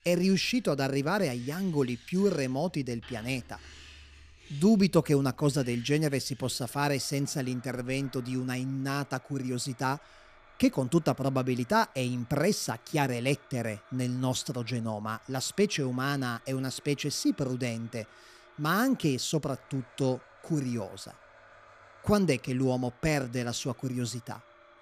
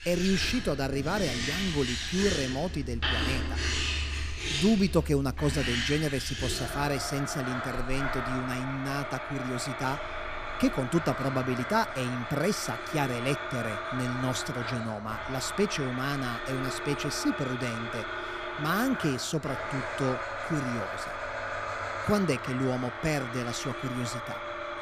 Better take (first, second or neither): first